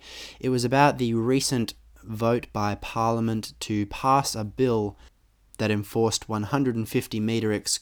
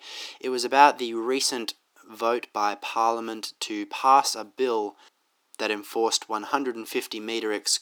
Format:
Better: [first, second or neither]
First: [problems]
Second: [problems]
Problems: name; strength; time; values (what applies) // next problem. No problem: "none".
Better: first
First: none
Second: thin; somewhat; fading below 350 Hz